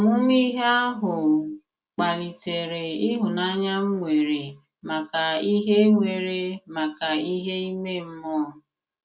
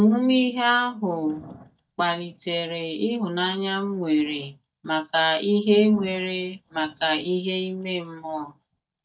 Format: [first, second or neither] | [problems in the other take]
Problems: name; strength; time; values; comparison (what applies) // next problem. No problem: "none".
first | noise reduction (neural mask model DeepFilterNet 3)